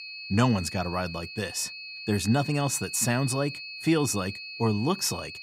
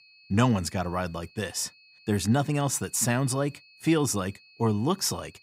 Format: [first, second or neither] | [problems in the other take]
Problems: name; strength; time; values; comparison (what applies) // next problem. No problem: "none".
second | high-pitched whine; loud; throughout; 2.5 kHz, 10 dB below the speech; faint in the second